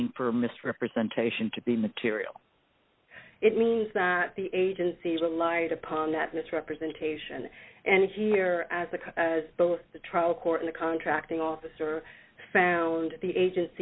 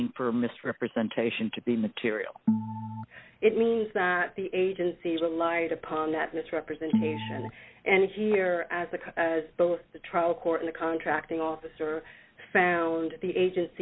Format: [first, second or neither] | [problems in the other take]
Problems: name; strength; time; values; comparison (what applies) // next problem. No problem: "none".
first | background sound (Organ); 3 dB below the speech